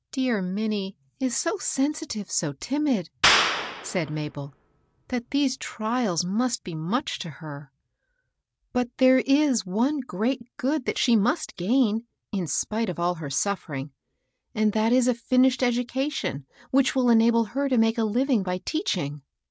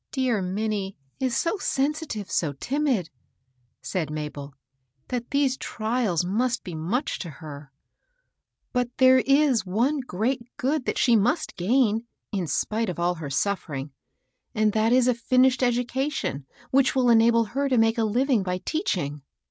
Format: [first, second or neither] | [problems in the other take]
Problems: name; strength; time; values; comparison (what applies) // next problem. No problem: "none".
second | background sound (Clapping); 3 dB below the speech